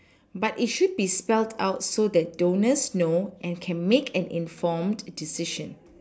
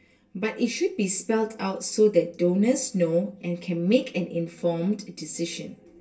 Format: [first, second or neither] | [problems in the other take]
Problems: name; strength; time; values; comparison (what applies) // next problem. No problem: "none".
first | room echo; dies away in 0.2 s